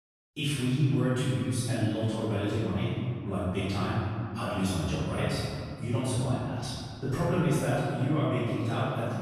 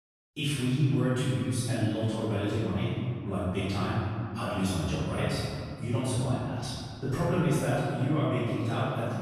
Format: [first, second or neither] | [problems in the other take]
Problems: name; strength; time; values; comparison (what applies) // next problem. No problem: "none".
neither | off-mic speech; far; the same in both // room echo; strong; dies away in 2.2 s; the same in both